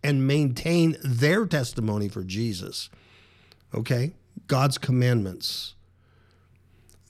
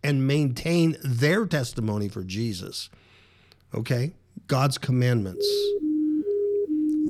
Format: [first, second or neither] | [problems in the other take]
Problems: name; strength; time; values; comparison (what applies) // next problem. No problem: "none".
first | siren; loud; from 5.5 s on; peak 1 dB above the speech